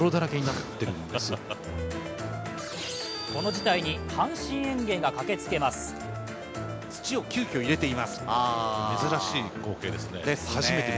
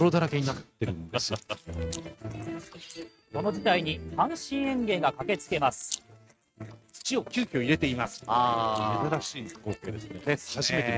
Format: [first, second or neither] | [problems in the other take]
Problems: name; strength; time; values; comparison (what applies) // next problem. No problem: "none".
first | noise reduction (neural mask model RNNoise)